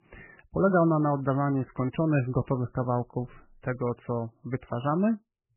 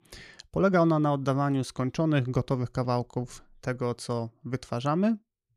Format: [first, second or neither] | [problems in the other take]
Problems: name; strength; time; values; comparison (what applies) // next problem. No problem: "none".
second | garbled, watery; badly; nothing above 3 kHz